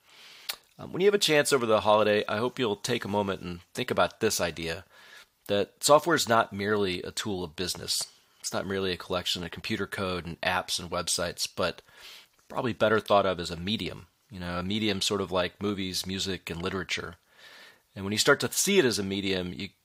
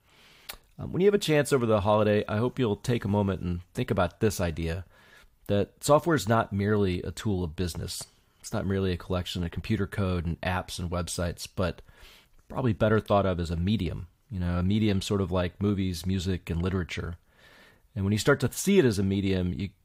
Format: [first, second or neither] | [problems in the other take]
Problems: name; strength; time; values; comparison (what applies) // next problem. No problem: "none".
second | thin; somewhat; fading below 1 kHz